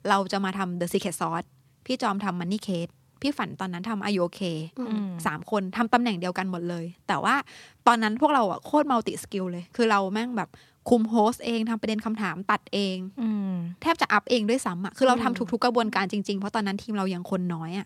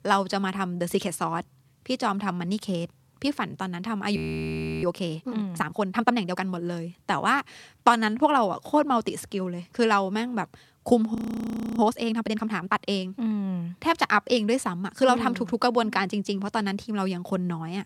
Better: first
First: none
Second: audio freezing; at 4 s for 0.5 s and at 11 s for 0.5 s

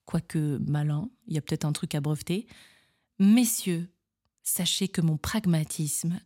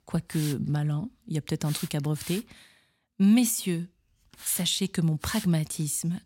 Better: first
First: none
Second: hiss; noticeable; until 2.5 s and from 3.5 s on; 15 dB below the speech

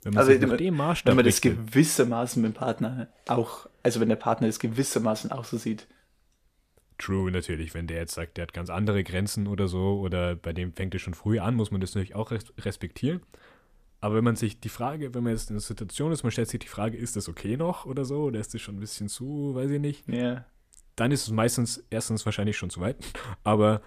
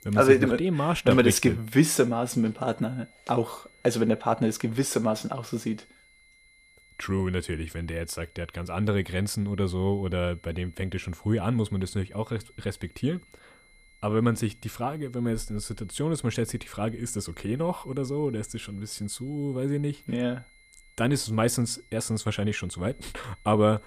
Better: first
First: none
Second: high-pitched whine; faint; throughout; 2 kHz, 30 dB below the speech

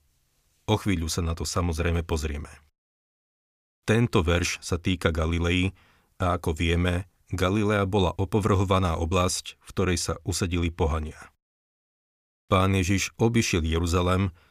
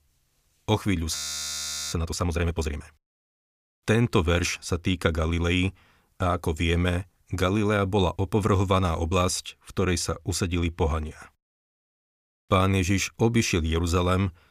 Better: first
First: none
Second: audio freezing; at 1 s for 1 s

